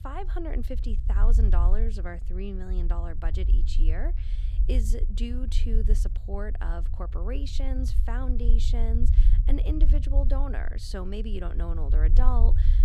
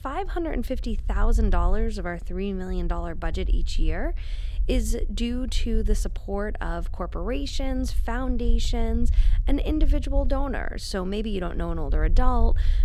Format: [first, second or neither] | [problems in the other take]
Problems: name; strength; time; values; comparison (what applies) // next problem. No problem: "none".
second | low rumble; loud; throughout; 9 dB below the speech; faint in the second